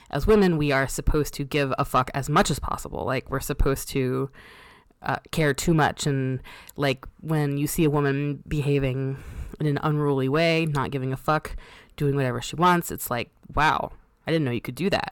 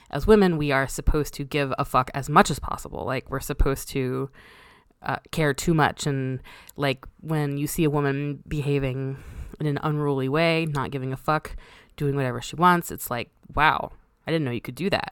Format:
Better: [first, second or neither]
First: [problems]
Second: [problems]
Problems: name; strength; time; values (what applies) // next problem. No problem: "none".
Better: second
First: distortion; slight; 10 dB below the speech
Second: none